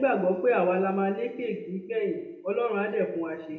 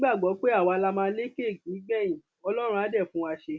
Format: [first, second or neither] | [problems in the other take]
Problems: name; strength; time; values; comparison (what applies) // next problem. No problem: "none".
second | room echo; dies away in 0.8 s